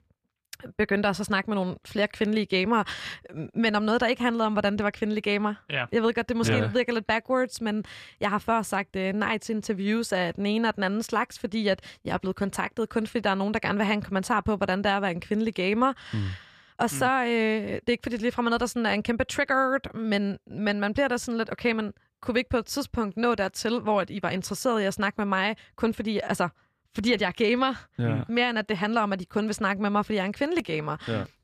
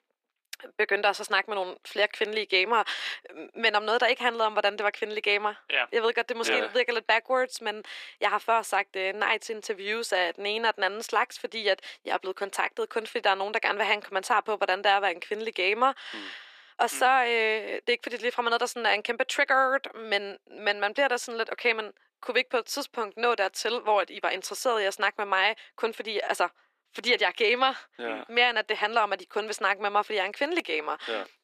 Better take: first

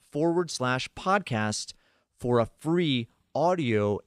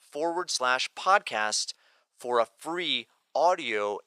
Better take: first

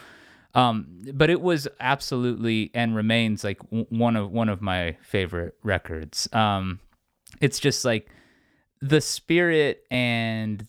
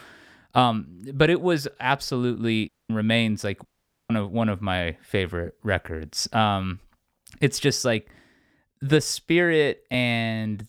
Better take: first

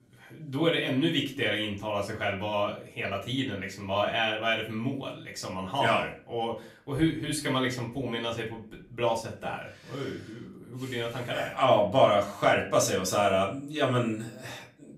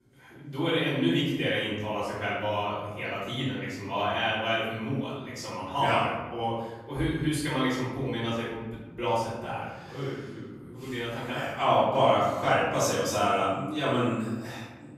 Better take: first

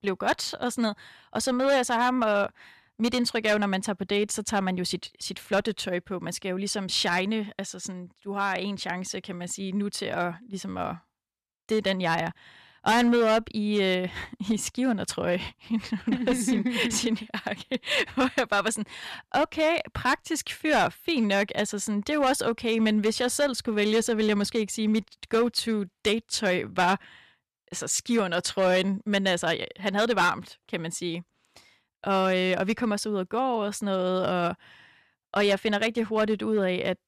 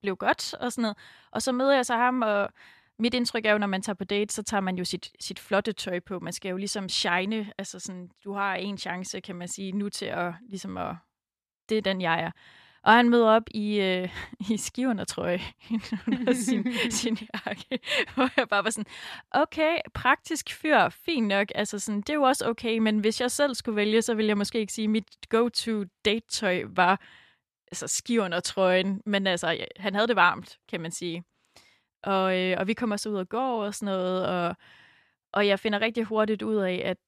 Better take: second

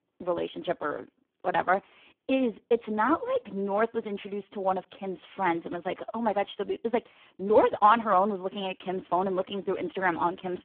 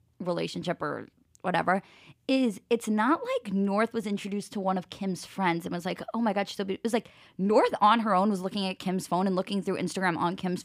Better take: second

